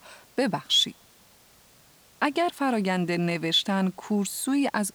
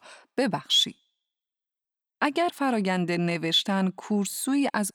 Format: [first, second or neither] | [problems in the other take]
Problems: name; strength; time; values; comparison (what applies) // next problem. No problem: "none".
second | hiss; faint; throughout; 30 dB below the speech